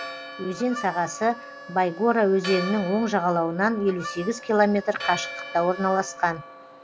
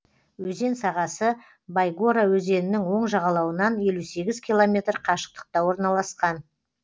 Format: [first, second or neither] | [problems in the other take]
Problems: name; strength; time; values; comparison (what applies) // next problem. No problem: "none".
second | background sound (Harmonica + Church bell); 12 dB below the speech